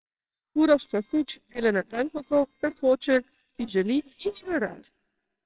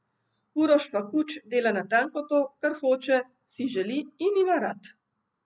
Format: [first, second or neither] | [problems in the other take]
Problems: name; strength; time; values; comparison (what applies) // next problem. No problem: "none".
second | noise reduction (neural separator model SepFormer WHAMR!)